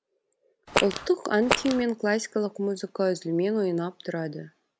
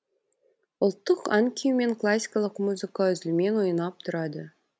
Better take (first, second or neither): second